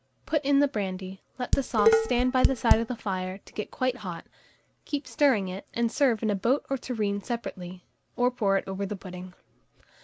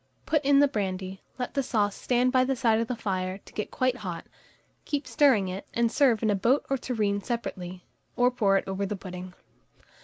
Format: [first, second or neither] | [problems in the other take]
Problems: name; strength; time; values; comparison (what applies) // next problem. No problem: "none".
second | background sound (Dishes, pots, and pans); 3 dB above the speech